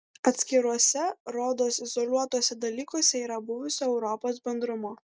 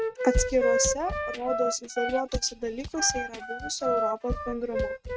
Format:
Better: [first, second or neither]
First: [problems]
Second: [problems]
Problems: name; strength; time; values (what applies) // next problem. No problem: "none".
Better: first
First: none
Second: noise reduction (neural mask model RNNoise)